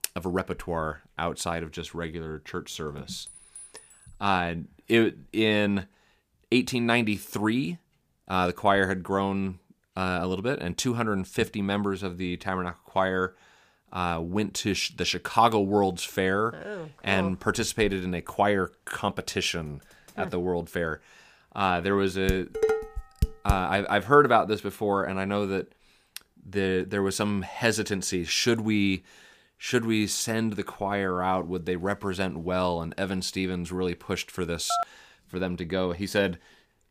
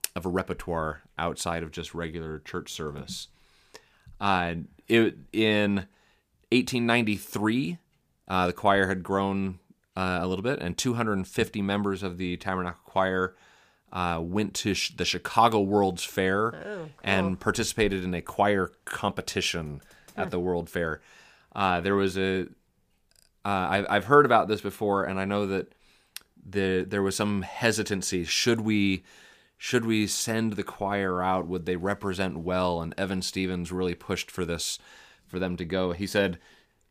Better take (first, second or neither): second